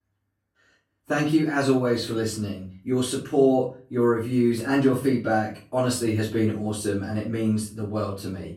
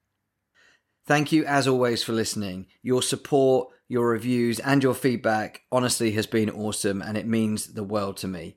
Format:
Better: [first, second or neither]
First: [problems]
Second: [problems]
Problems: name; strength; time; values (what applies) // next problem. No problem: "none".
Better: second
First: off-mic speech; far // room echo; slight; dies away in 0.4 s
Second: none